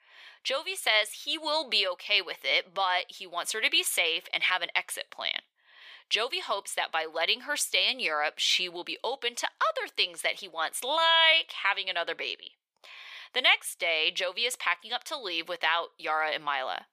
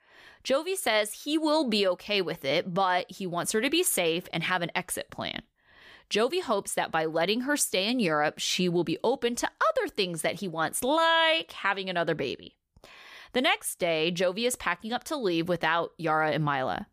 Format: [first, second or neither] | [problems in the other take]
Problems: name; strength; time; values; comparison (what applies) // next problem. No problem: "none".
second | thin; very; fading below 650 Hz